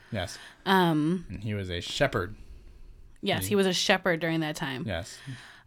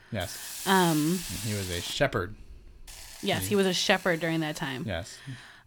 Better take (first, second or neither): first